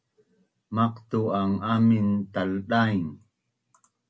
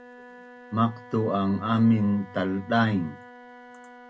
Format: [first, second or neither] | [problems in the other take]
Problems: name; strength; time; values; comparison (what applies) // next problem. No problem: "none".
first | background sound (Wind instrument, woodwind instrument); 20 dB below the speech